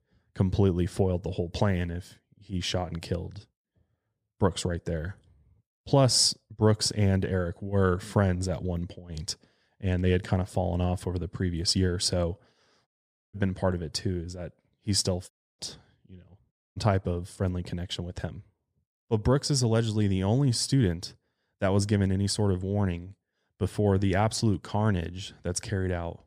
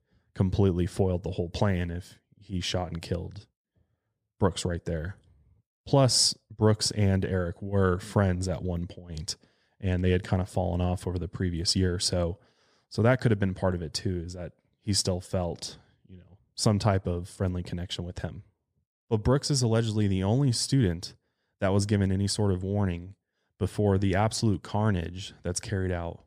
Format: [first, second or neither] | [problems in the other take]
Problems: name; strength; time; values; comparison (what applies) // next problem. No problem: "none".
second | audio cutting out; at 13 s, at 15 s and at 17 s